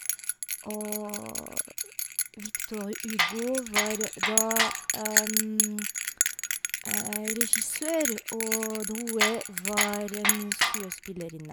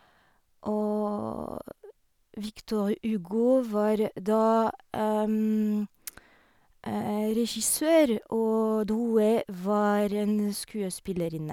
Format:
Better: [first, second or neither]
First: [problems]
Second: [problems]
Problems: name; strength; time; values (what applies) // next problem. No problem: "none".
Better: second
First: background sound (Bell + Tools); 4 dB above the speech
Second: none